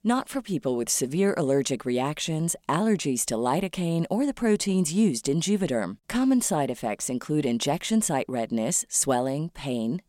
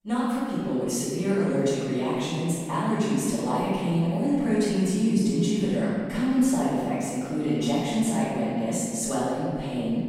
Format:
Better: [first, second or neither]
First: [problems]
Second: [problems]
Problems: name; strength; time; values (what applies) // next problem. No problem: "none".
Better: first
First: none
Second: off-mic speech; far // room echo; strong; dies away in 2.1 s